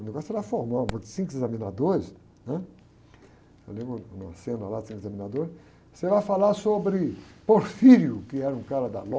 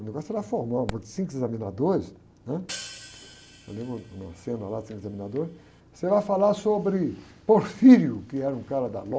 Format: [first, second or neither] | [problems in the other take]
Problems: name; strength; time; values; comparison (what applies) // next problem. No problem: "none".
first | background sound (Hi-hat); 20 dB below the speech